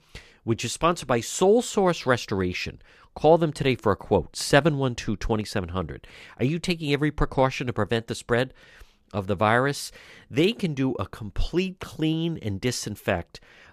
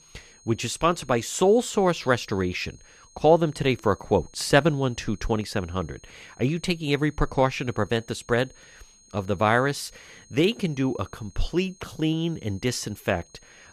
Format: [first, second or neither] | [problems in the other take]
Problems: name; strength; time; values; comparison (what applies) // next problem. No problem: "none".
first | high-pitched whine; faint; throughout; 6.5 kHz, 25 dB below the speech